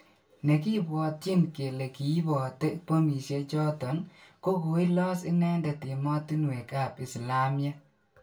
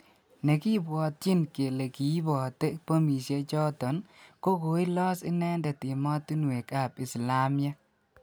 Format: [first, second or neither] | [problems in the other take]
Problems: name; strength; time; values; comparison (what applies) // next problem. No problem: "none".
second | room echo; dies away in 0.2 s